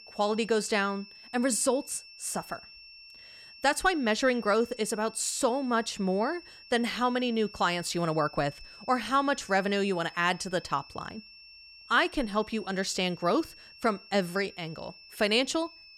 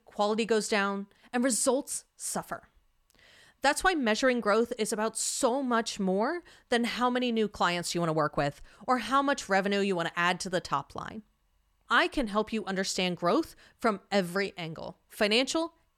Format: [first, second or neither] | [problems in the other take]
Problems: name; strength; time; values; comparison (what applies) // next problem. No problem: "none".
second | high-pitched whine; noticeable; throughout; 5.5 kHz, 20 dB below the speech